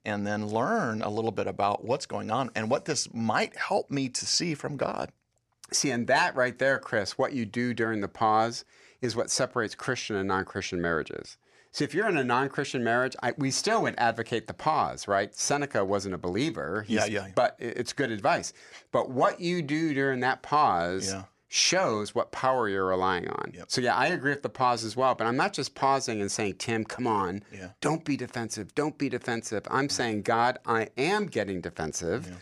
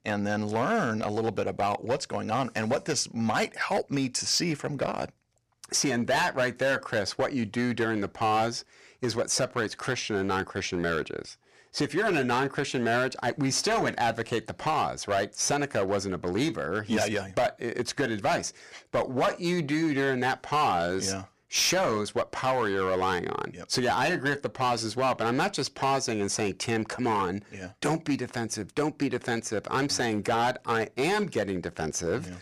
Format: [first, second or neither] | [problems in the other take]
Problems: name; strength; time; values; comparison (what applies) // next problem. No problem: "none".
first | distortion; slight; 8% of the sound clipped